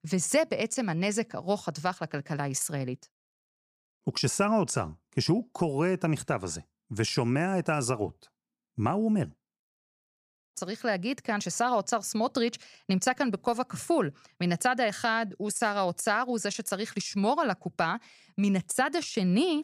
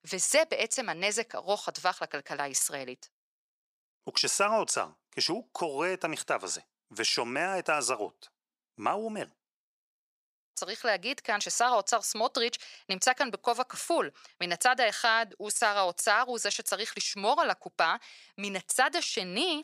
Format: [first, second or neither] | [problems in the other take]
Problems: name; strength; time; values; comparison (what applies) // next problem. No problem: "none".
first | thin; very; fading below 550 Hz